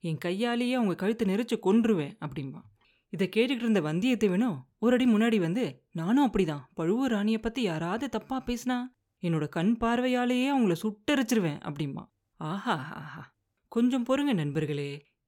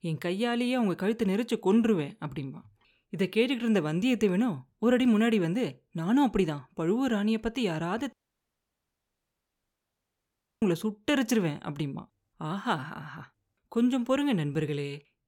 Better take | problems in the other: first | audio cutting out; at 8 s for 2.5 s

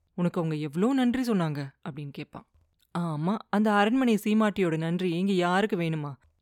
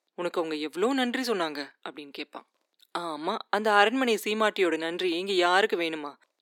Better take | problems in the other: first | thin; somewhat; fading below 300 Hz

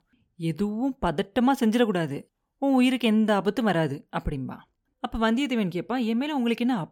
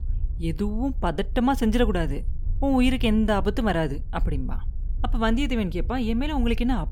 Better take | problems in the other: first | low rumble; faint; throughout; 25 dB below the speech

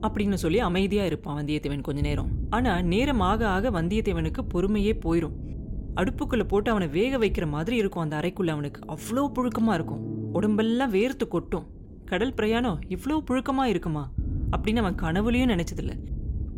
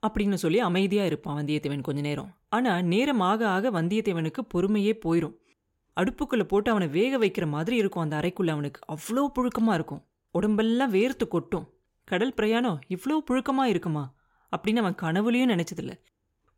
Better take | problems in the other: second | low rumble; noticeable; throughout; 20 dB below the speech

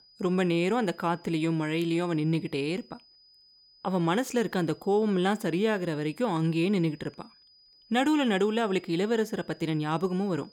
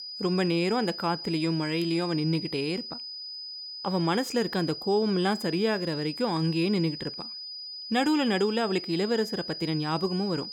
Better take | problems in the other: first | high-pitched whine; loud; throughout; 5 kHz, 8 dB below the speech; faint in the first

